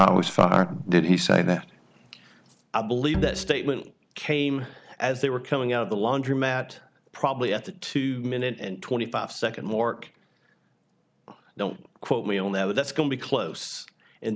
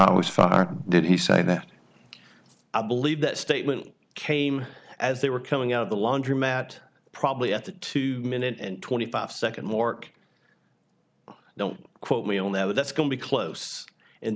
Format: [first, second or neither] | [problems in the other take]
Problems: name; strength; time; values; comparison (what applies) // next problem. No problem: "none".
second | background sound (Bowed string instrument); 7 dB below the speech